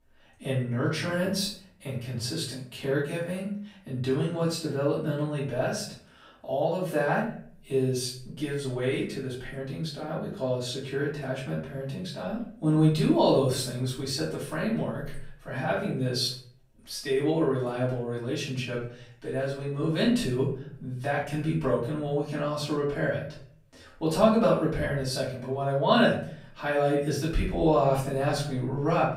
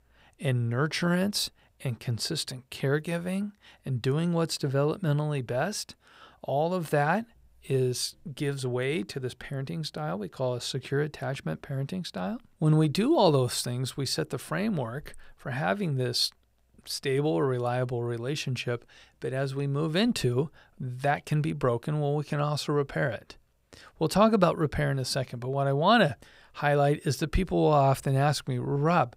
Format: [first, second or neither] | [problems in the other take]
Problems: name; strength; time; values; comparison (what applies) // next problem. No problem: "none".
second | room echo; noticeable; dies away in 0.5 s // off-mic speech; far